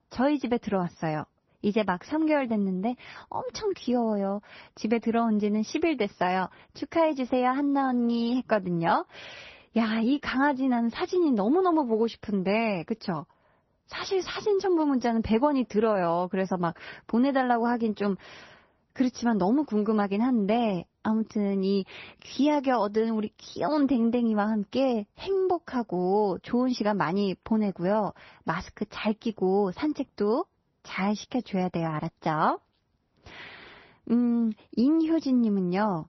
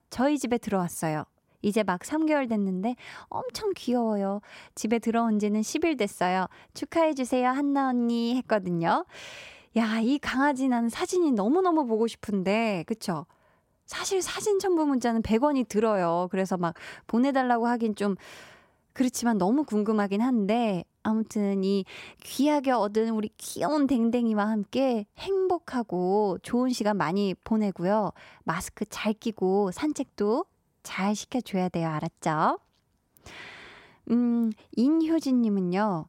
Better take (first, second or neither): second